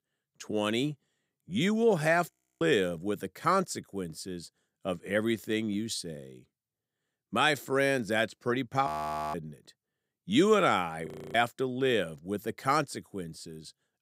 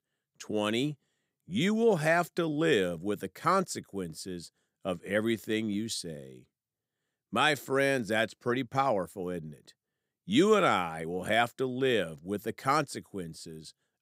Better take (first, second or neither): second